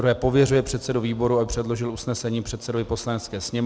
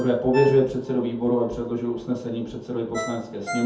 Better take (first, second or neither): first